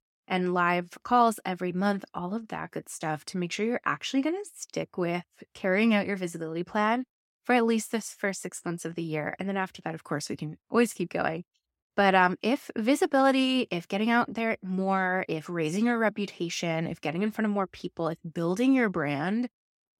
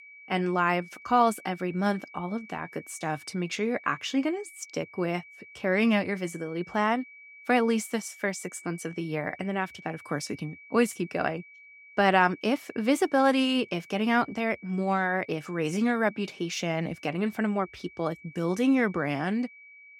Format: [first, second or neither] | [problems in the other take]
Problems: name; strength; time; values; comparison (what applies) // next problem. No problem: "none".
first | high-pitched whine; faint; throughout; 2.5 kHz, 20 dB below the speech